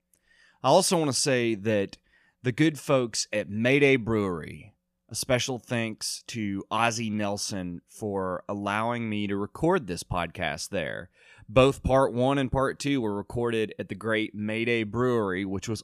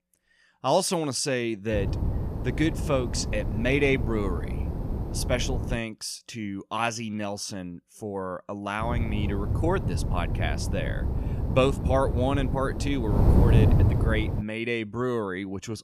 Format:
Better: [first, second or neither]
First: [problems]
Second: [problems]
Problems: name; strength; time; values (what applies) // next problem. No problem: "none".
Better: first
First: none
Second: wind noise on the microphone; heavy; from 1.5 to 6 s and from 9 to 14 s; 8 dB below the speech